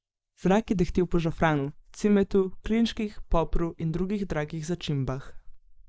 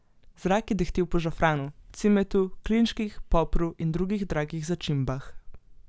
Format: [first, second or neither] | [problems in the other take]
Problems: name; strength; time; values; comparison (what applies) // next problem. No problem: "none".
second | noise reduction (neural mask model Resemble Enhance denoiser)